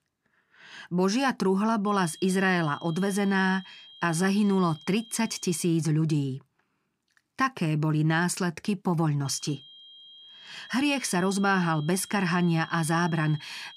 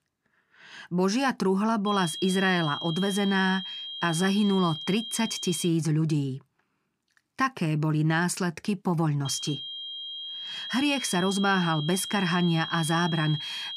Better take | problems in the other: first | high-pitched whine; loud; from 2 to 5.5 s and from 9.5 s on; 3.5 kHz, 8 dB below the speech; faint in the first

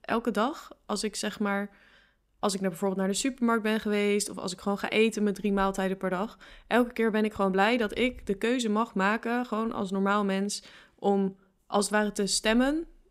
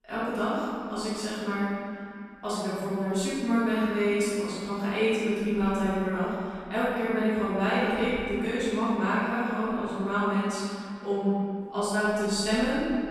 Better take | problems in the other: first | off-mic speech; far // room echo; strong; dies away in 2.5 s

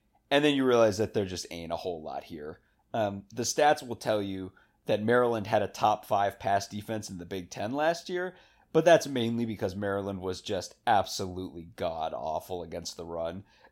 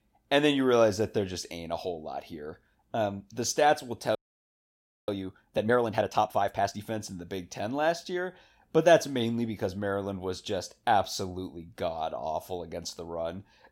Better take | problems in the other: first | audio freezing; at 4 s for 1 s

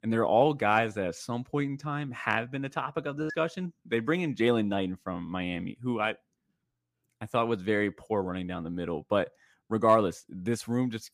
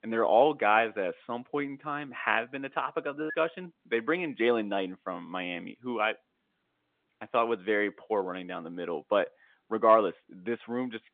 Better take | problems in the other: first | phone-call audio; nothing above 3.5 kHz

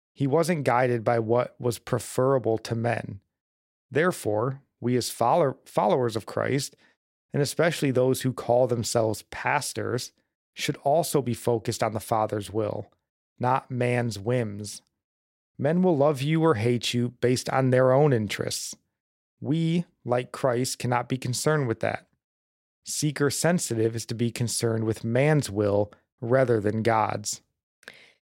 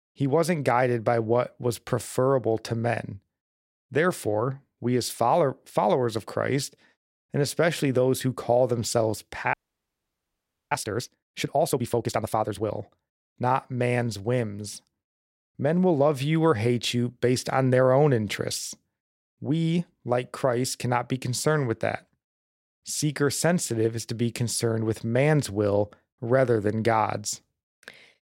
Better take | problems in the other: first | audio freezing; at 9.5 s for 1 s

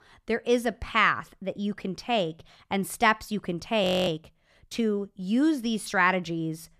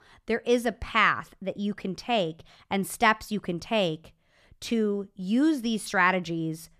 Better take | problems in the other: second | audio freezing; at 4 s

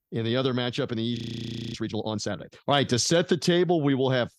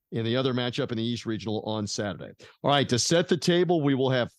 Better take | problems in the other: second | audio freezing; at 1 s for 0.5 s

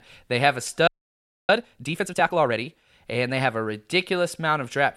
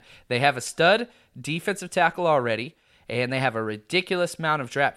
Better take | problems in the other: second | audio freezing; at 1 s for 0.5 s

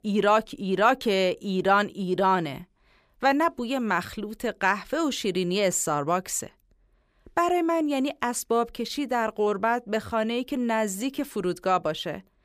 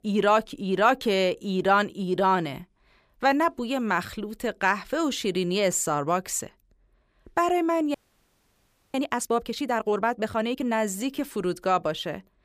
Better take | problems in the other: first | audio freezing; at 8 s for 1 s

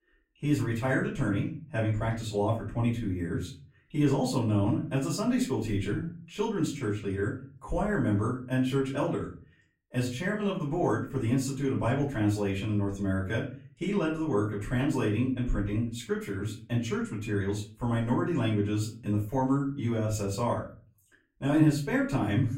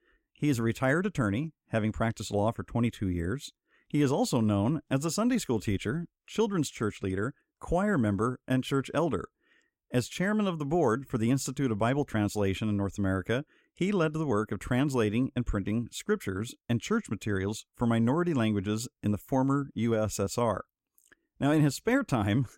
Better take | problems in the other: second | off-mic speech; far // room echo; slight; dies away in 0.4 s

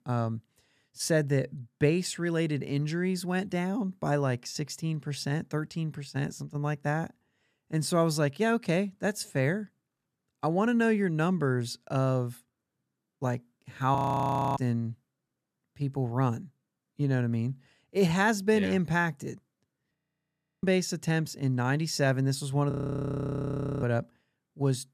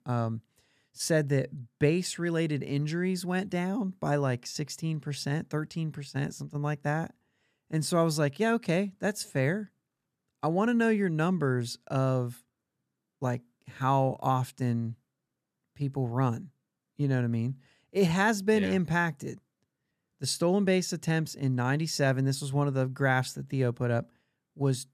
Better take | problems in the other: second | audio freezing; at 14 s for 0.5 s, at 20 s for 0.5 s and at 23 s for 1 s

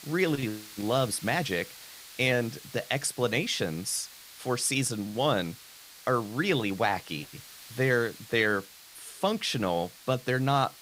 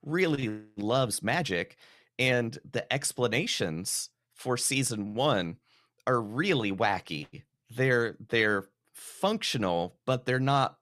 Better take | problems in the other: second | hiss; noticeable; throughout; 15 dB below the speech

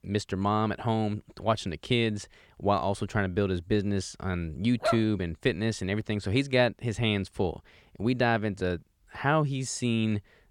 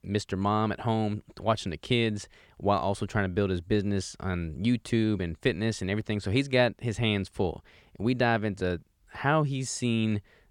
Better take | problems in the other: second | dog barking; noticeable; at 5 s; peak 2 dB below the speech

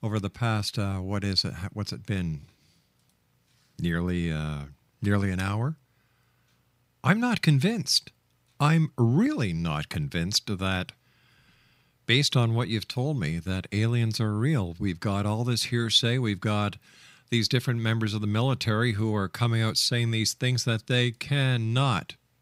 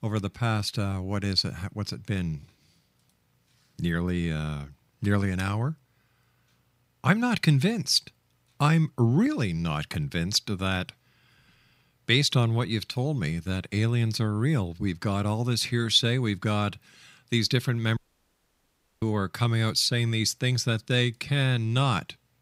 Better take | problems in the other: first | audio cutting out; at 18 s for 1 s

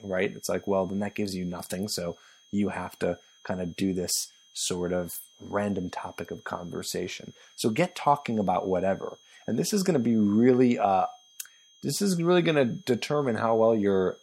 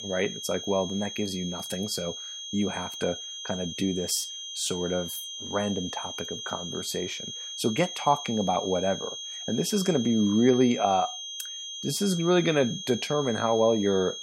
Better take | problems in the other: first | high-pitched whine; loud; throughout; 3.5 kHz, 7 dB below the speech; faint in the first

